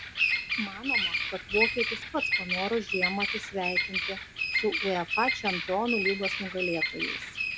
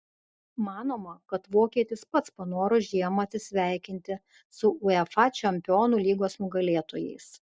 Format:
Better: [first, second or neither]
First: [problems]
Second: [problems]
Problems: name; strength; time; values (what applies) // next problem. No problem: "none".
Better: second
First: background sound (Bird vocalization, bird call, bird song); 2 dB above the speech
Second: none